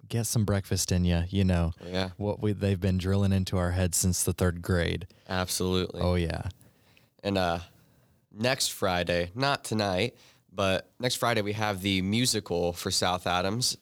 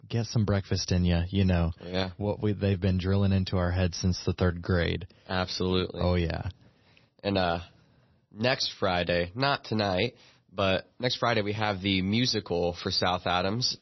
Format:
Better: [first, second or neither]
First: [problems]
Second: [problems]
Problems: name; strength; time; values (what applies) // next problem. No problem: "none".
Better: first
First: none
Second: garbled, watery; slightly; nothing above 6 kHz